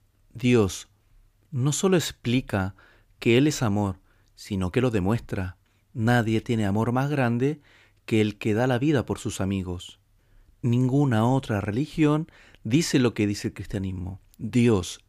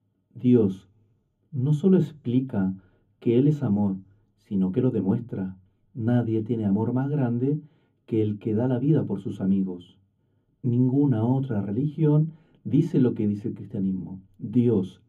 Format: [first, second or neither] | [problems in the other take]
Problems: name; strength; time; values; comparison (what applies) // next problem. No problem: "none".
first | room echo; slight; dies away in 0.3 s // off-mic speech; far